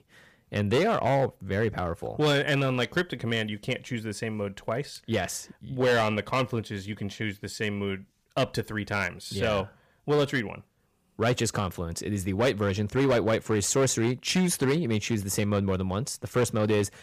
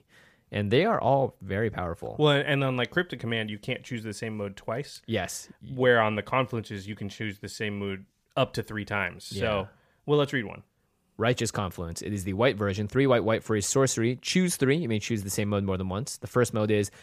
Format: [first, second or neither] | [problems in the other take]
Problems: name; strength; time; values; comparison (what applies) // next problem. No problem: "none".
second | distortion; slight; 6% of the sound clipped